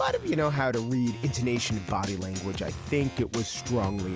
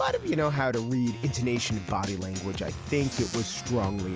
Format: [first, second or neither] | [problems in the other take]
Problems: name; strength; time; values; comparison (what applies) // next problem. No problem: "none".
first | background sound (Squeak / Cupboard open or close); 14 dB below the speech